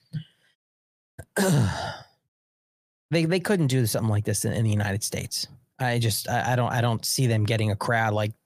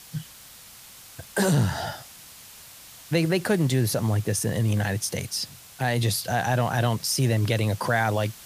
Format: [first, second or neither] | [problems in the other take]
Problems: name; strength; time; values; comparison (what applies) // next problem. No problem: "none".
first | hiss; noticeable; throughout; 20 dB below the speech